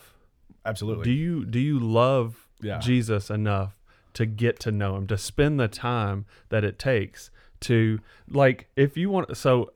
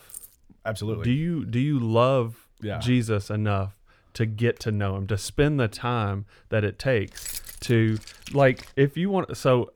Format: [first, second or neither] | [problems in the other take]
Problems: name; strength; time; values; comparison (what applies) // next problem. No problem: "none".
first | jangling keys; faint; at the start; peak 15 dB below the speech // jangling keys; noticeable; from 7 to 8.5 s; peak 8 dB below the speech